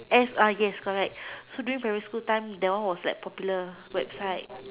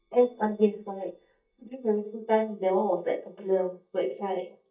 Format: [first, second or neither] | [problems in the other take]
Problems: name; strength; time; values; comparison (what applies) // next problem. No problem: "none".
first | noise reduction (neural mask model DeepFilterNet 3)